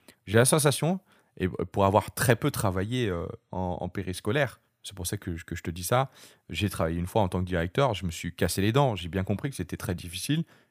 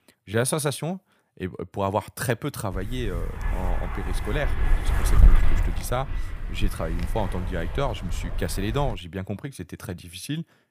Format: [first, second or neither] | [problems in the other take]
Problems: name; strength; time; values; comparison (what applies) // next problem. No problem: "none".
first | wind noise on the microphone; heavy; from 2.5 to 9 s; 7 dB below the speech